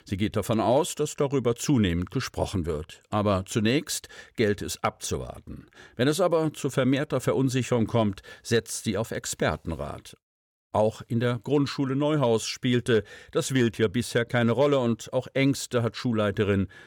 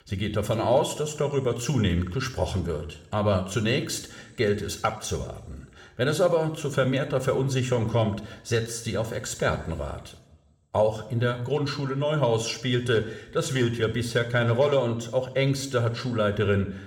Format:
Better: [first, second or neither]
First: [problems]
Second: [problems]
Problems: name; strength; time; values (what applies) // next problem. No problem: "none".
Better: first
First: none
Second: room echo; very slight; dies away in 0.7 s